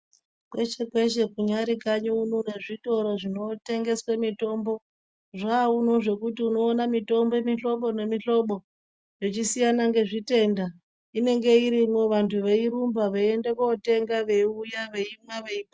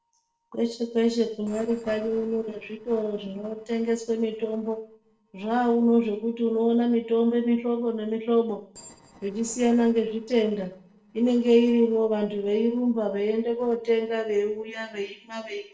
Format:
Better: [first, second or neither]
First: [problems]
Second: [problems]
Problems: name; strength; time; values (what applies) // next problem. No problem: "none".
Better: first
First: none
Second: noise reduction (neural separator model SepFormer DNS4)